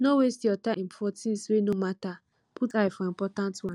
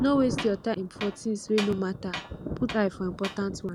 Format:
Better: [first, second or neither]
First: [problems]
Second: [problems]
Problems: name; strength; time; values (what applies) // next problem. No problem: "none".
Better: first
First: none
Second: background sound (Thunder + Tools); 9 dB below the speech